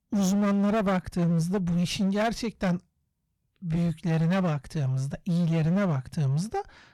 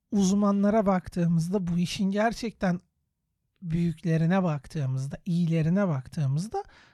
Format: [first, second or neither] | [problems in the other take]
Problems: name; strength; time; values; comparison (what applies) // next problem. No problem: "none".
second | distortion; slight; 19% of the sound clipped